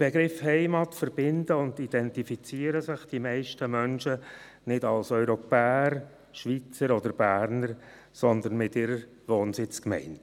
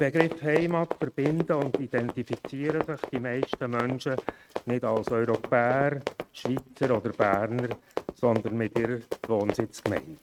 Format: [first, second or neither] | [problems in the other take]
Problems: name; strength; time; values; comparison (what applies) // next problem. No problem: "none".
first | noise reduction (neural mask model RNNoise)